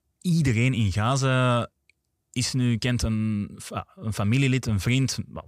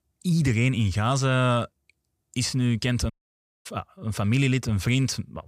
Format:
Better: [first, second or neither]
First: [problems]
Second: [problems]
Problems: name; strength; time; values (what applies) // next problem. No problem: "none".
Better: first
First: none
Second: audio cutting out; at 3 s for 0.5 s